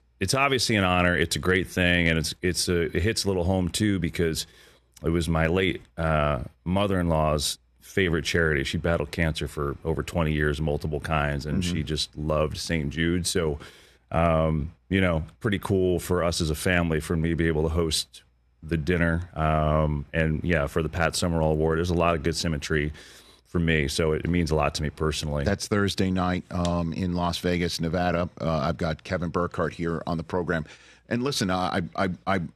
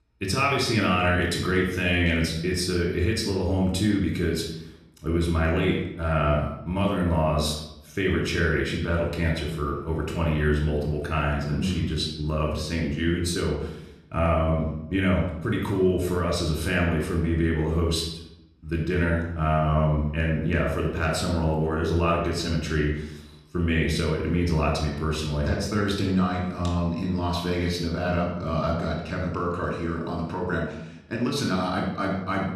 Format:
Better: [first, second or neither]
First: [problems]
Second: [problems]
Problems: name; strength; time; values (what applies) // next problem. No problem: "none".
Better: first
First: none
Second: off-mic speech; somewhat distant // room echo; noticeable; dies away in 0.7 s